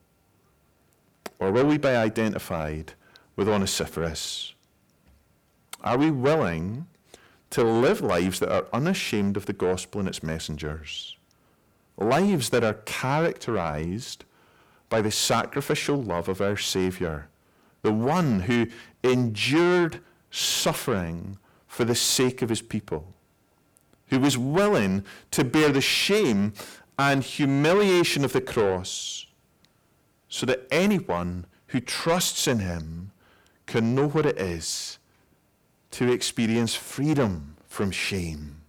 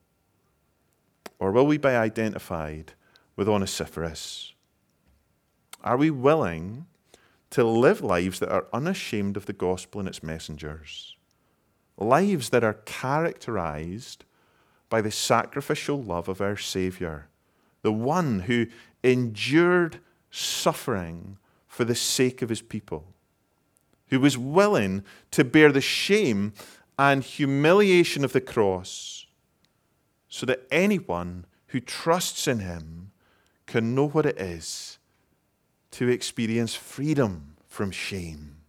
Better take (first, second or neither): second